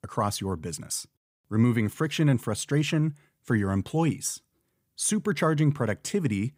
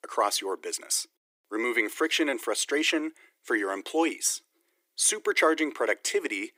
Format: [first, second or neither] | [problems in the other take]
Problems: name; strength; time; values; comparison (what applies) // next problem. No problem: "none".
first | thin; very; fading below 300 Hz